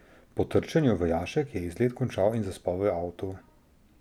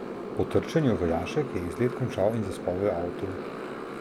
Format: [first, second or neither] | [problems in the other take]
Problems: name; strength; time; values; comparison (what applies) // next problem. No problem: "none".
first | background sound (Motorcycle); 7 dB below the speech